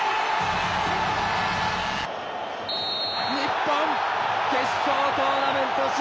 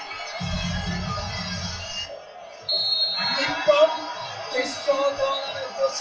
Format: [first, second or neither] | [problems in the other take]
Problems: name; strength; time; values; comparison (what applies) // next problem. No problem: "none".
first | noise reduction (classical method WPE with log-MMSE)